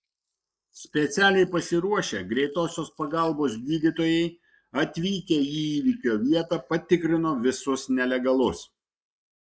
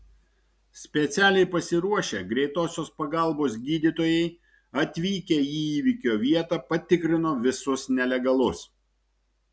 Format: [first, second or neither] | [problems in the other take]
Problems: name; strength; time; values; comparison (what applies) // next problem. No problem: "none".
second | noise reduction (neural mask model Resemble Enhance denoiser)